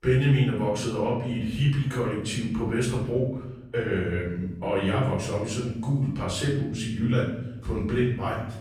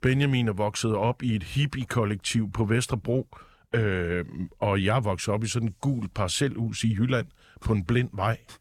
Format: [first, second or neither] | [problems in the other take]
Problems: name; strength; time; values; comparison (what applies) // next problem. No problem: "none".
second | off-mic speech; far // room echo; noticeable; dies away in 0.8 s